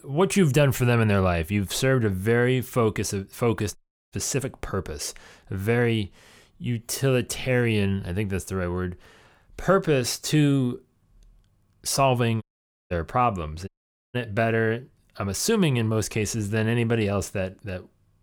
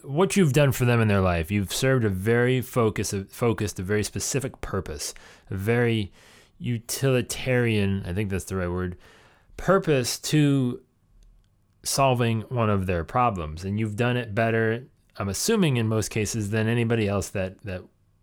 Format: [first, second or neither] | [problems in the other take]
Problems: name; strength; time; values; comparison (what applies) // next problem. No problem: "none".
second | audio cutting out; at 4 s, at 12 s and at 14 s